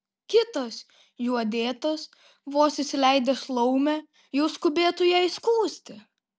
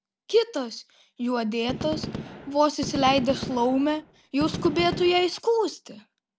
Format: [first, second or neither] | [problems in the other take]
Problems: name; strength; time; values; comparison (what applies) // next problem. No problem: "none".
first | background sound (Gunshot, gunfire); 9 dB below the speech